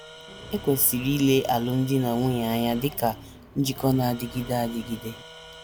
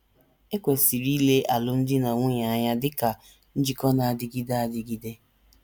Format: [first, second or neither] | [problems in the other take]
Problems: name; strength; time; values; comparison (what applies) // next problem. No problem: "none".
second | background sound (Tools + Accelerating, revving, vroom); 16 dB below the speech